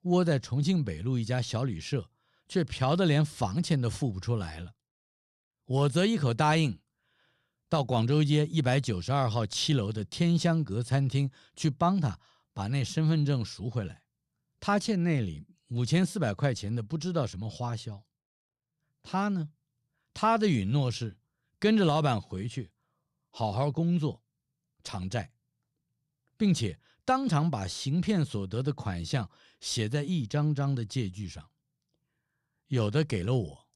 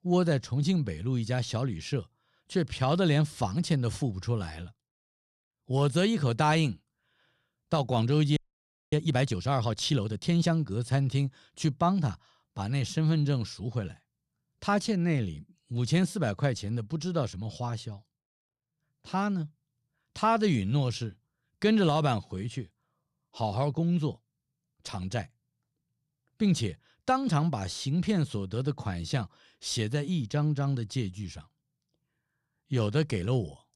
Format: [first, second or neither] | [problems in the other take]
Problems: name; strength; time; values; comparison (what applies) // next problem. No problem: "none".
first | audio freezing; at 8.5 s for 0.5 s